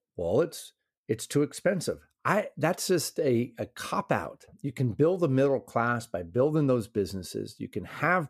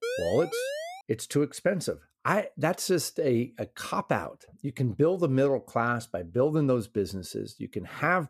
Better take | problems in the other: first | siren; noticeable; at the start; peak 4 dB below the speech

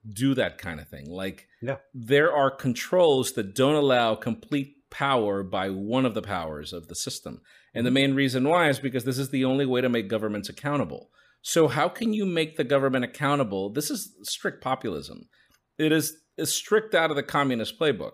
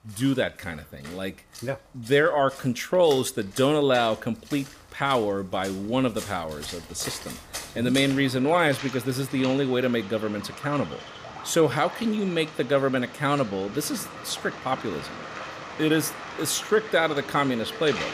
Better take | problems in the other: first | rain or running water; noticeable; throughout; 15 dB below the speech

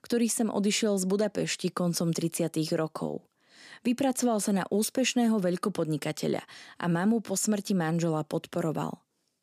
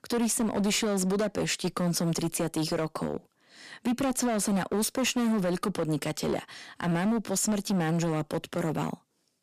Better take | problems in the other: first | distortion; slight; 16% of the sound clipped

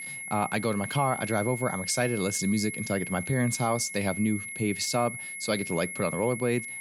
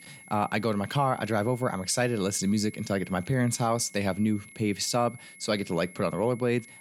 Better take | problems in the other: second | high-pitched whine; loud; throughout; 2 kHz, 7 dB below the speech; faint in the second

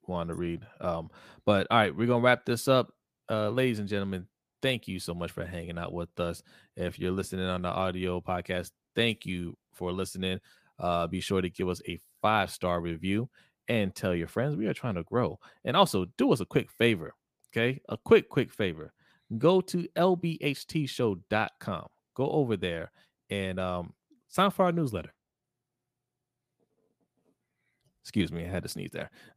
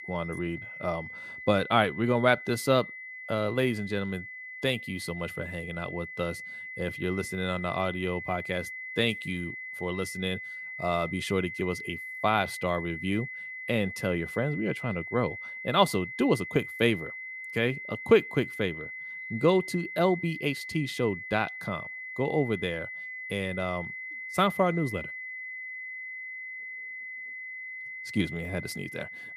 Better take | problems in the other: first | high-pitched whine; loud; throughout; 2 kHz, 8 dB below the speech

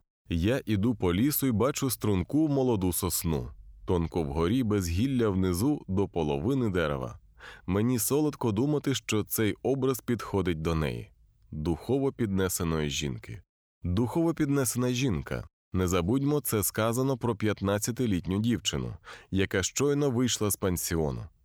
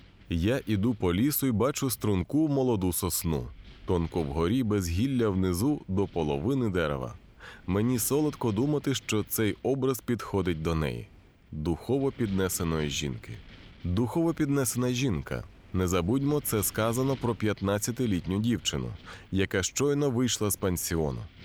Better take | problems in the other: first | wind noise on the microphone; occasional gusts; 25 dB below the speech

